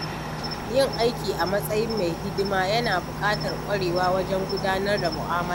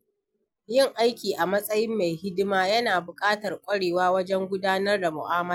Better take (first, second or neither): second